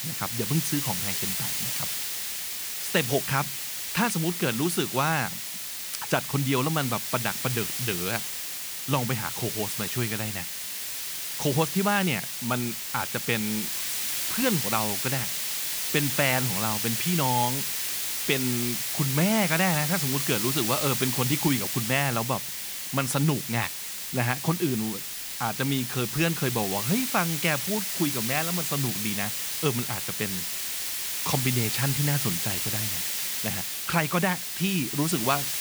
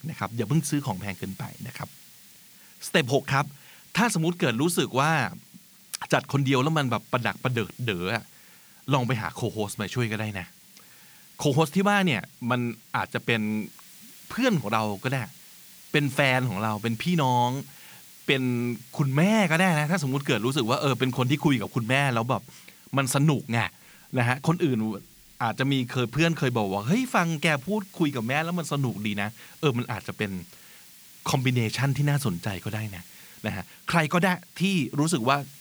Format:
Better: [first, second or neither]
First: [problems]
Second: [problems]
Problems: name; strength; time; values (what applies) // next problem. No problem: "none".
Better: second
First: hiss; loud; throughout; as loud as the speech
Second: hiss; faint; throughout; 20 dB below the speech